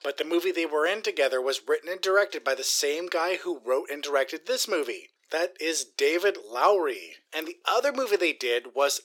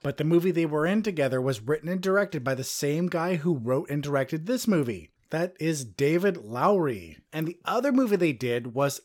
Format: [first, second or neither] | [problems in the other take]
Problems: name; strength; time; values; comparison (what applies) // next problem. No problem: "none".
second | thin; very; fading below 350 Hz